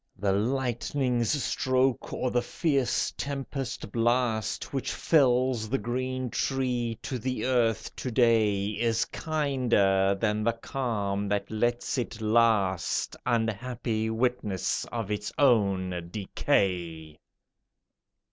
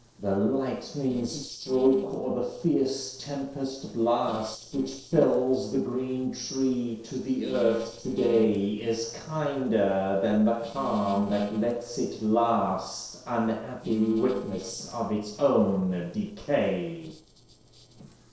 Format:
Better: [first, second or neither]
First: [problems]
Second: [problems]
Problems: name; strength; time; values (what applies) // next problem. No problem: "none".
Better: first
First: none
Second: noise reduction (neural separator model SepFormer DNS4)